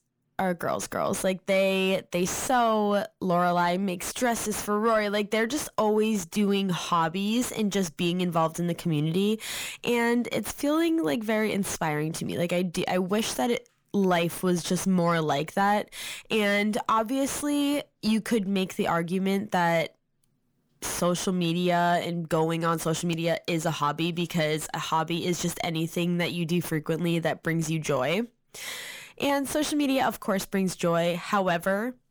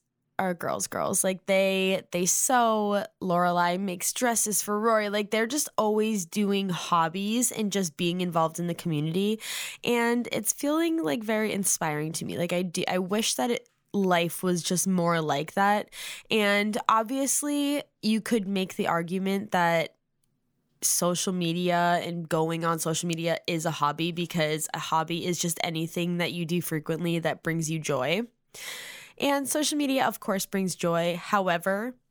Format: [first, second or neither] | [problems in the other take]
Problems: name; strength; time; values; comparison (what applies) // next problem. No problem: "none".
second | distortion; slight; 10 dB below the speech